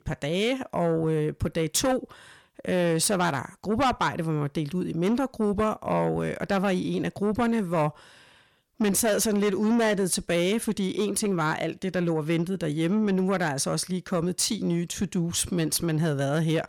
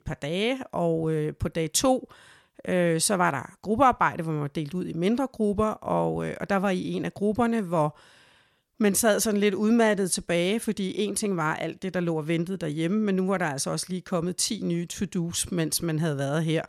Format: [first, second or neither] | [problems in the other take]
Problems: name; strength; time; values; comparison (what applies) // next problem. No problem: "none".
second | distortion; slight; 10 dB below the speech